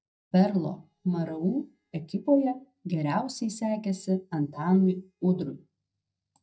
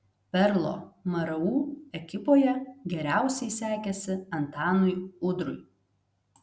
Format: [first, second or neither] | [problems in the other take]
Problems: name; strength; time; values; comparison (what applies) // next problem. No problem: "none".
second | noise reduction (neural mask model DeepFilterNet 3)